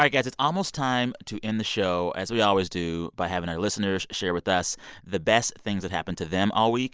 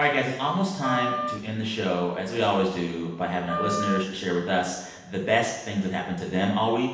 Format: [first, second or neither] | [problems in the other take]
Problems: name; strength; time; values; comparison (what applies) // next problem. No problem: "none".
first | background sound (Wind instrument, woodwind instrument); 7 dB below the speech // room echo; dies away in 0.9 s